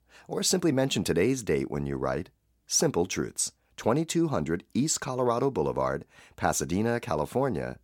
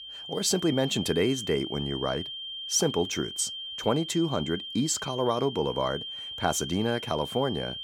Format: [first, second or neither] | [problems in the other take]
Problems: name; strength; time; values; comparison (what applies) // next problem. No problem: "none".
first | high-pitched whine; loud; throughout; 3 kHz, 7 dB below the speech